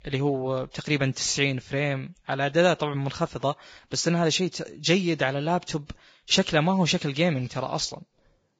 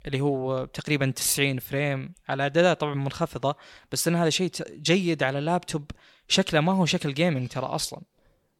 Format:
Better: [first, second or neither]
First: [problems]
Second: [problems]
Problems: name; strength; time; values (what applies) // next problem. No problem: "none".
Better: second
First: garbled, watery; badly; nothing above 7.5 kHz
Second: none